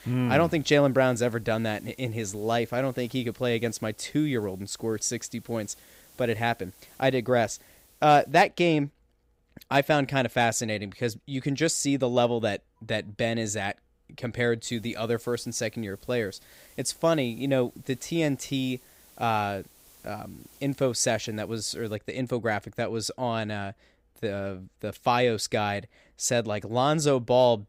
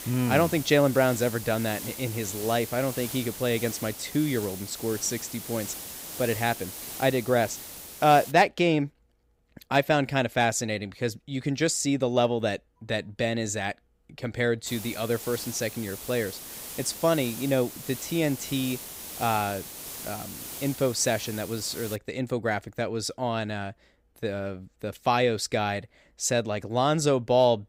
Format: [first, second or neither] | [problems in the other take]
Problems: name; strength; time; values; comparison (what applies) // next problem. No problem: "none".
first | hiss; loud; until 8.5 s and from 15 to 22 s; 10 dB below the speech; faint in the first